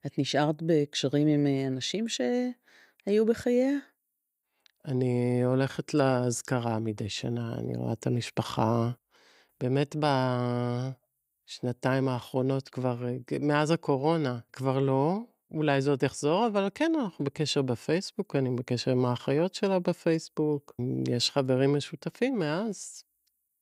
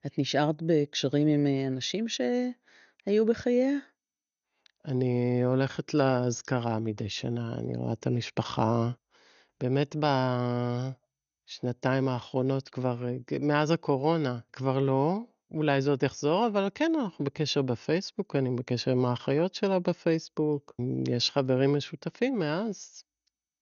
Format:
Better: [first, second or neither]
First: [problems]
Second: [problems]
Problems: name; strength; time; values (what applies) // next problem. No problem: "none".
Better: first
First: none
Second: garbled, watery; slightly; nothing above 6.5 kHz